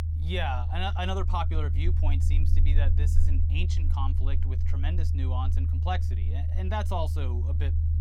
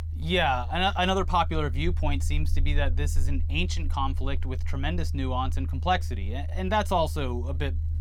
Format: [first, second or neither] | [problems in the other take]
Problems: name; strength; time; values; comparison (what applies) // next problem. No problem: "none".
second | low rumble; loud; throughout; 9 dB below the speech; faint in the second